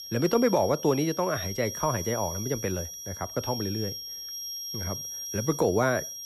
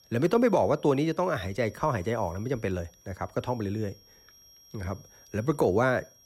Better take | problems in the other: second | high-pitched whine; loud; throughout; 5.5 kHz, 6 dB below the speech; faint in the second

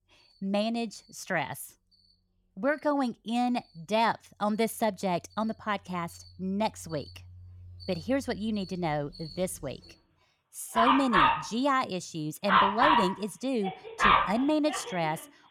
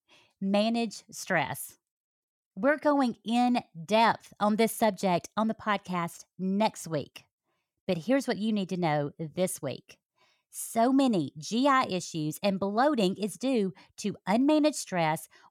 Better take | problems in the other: second | animal sounds; very loud; throughout; 5 dB above the speech

